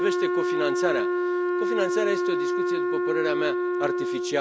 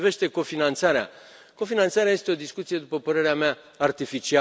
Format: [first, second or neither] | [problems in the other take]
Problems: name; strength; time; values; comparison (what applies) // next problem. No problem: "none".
second | background sound (Wind instrument, woodwind instrument); 5 dB above the speech